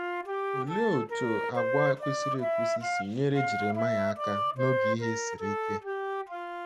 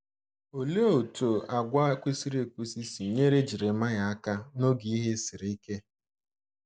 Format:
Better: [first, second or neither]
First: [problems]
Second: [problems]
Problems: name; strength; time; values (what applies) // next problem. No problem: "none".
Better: second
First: background sound (Wind instrument, woodwind instrument); 2 dB above the speech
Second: none